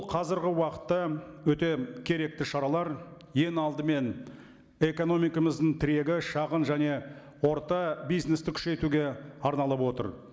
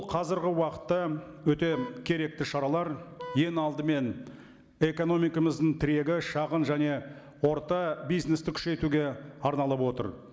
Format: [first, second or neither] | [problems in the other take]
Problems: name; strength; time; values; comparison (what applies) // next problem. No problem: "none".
first | background sound (Vehicle horn, car horn, honking); 17 dB below the speech